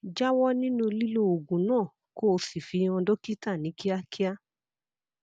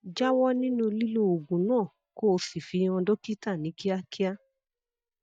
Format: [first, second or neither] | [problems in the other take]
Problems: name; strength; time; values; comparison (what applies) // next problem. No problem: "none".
first | noise reduction (neural mask model DeepFilterNet 3)